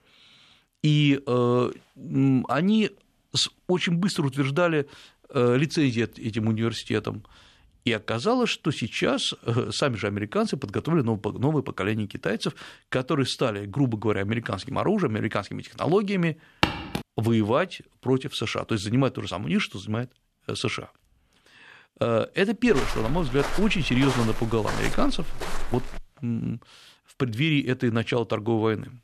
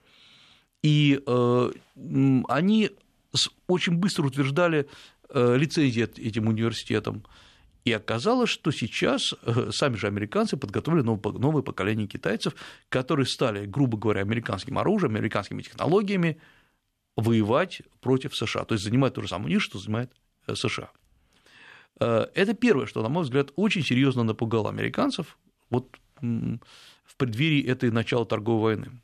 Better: second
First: footsteps; noticeable; at 17 s and from 23 to 26 s; peak level with the speech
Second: none

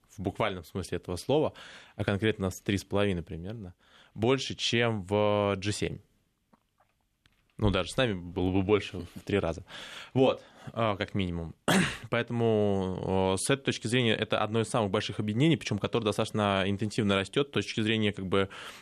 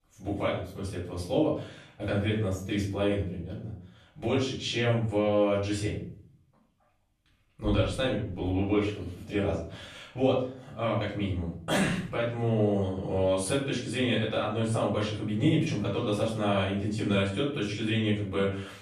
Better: first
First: none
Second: off-mic speech; far // room echo; noticeable; dies away in 0.5 s

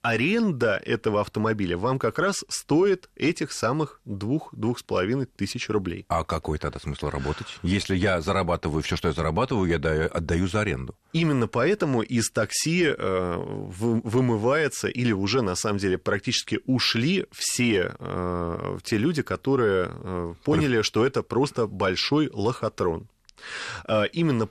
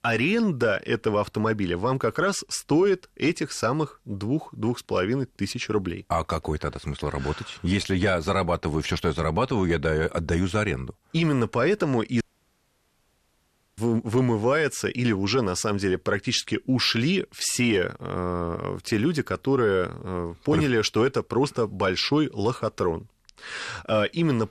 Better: first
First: none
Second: audio cutting out; at 12 s for 1.5 s

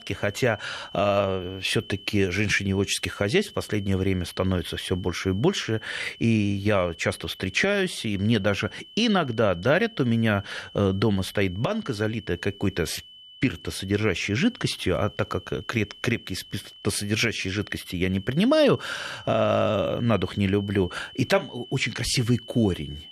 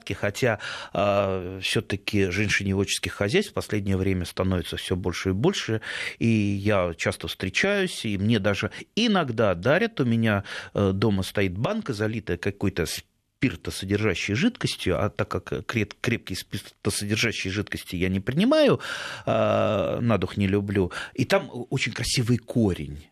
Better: second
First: high-pitched whine; noticeable; throughout; 3 kHz, 20 dB below the speech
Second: none

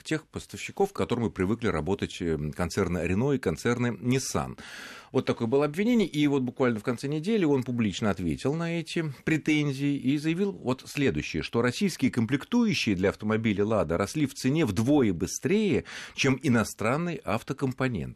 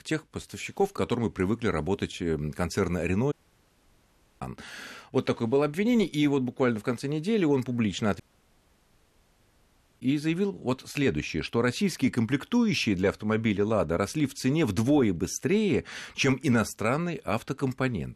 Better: first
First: none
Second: audio cutting out; at 3.5 s for 1 s and at 8 s for 2 s

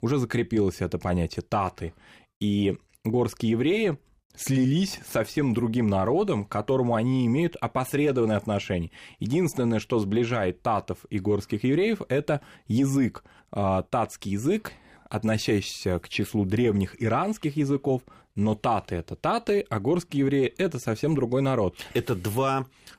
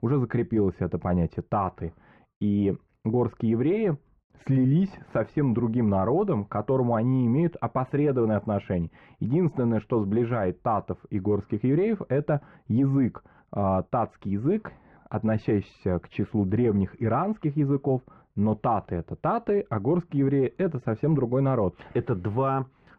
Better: first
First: none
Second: muffled; very; fading above 1 kHz

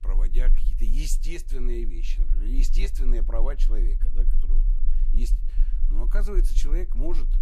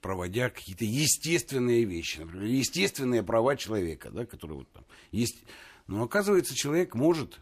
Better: second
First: low rumble; noticeable; throughout; 15 dB below the speech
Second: none

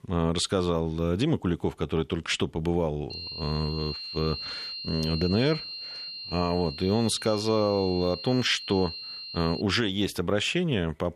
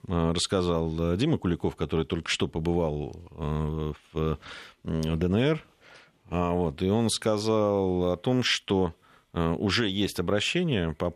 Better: second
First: high-pitched whine; loud; from 3 to 9.5 s; 4 kHz, 8 dB below the speech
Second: none

